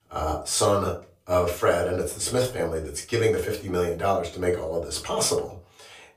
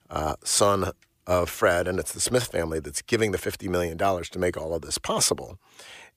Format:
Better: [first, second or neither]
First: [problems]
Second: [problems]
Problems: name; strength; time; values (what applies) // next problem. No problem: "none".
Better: second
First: off-mic speech; far // room echo; very slight; dies away in 0.3 s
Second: none